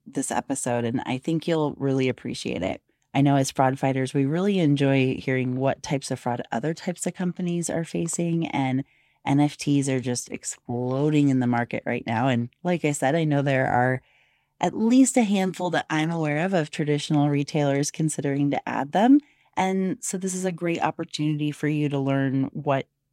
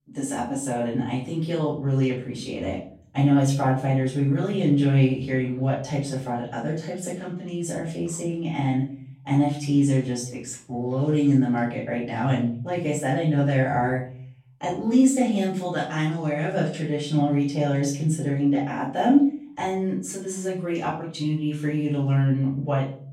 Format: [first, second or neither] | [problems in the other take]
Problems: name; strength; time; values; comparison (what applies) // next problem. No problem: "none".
first | off-mic speech; far // room echo; noticeable; dies away in 0.5 s